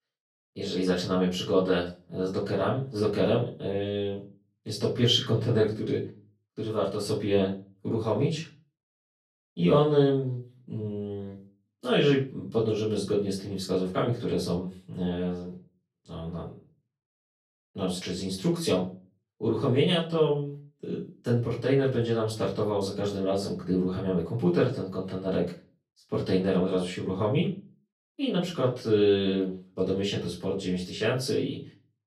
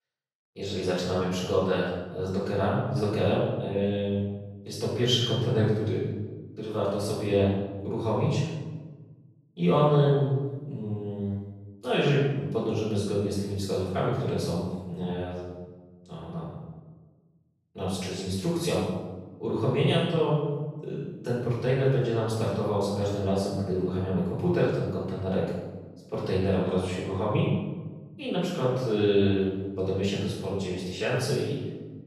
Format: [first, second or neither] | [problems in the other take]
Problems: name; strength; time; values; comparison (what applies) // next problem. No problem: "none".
first | room echo; strong; dies away in 1.1 s; slight in the first // off-mic speech; far; far in the first